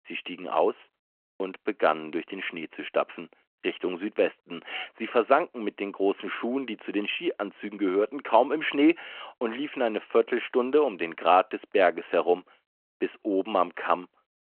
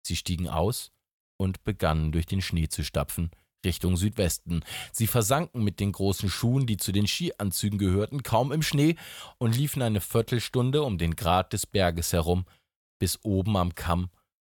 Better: second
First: phone-call audio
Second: none

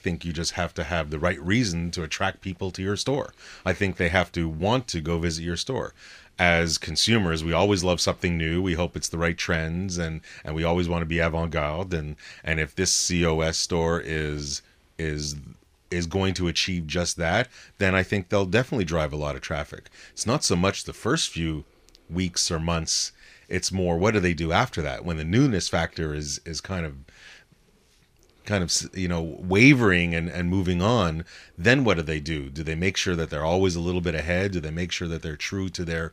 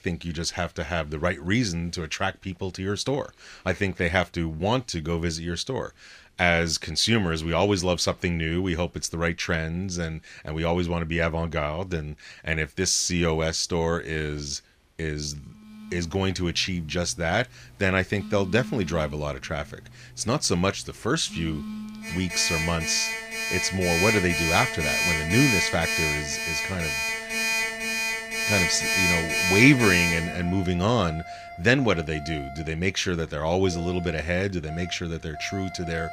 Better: first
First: none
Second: alarms or sirens; loud; from 16 s on; as loud as the speech

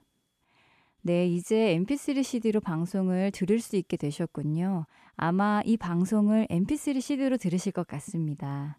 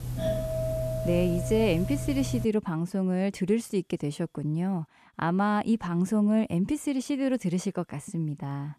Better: first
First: none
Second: doorbell; noticeable; until 2.5 s; peak 1 dB below the speech

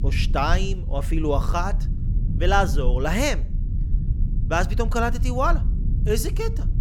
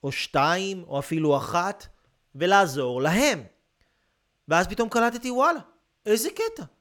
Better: second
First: low rumble; noticeable; throughout; 15 dB below the speech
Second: none

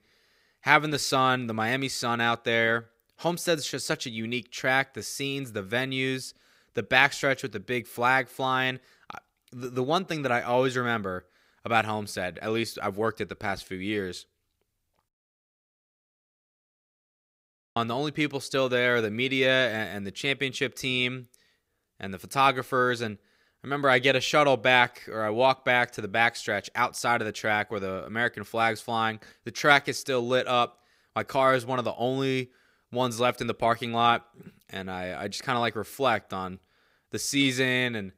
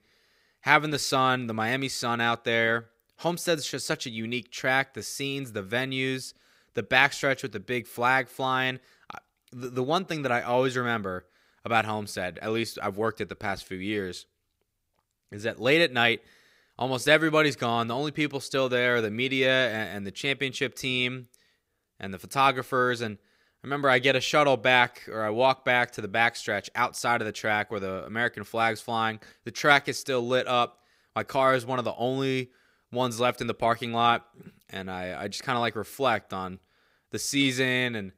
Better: second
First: audio cutting out; at 15 s for 2.5 s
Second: none

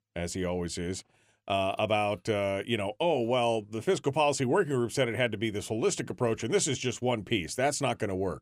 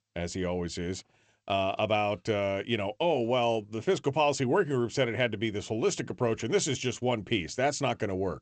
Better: first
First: none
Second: garbled, watery; slightly; nothing above 8 kHz

